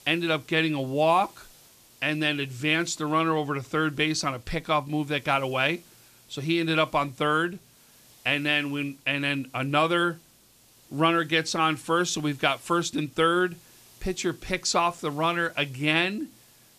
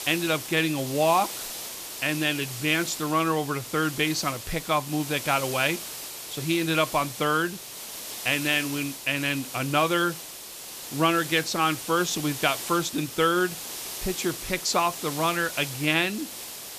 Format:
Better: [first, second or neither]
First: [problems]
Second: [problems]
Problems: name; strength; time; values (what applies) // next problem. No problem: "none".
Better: first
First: hiss; faint; throughout; 25 dB below the speech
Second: hiss; loud; throughout; 9 dB below the speech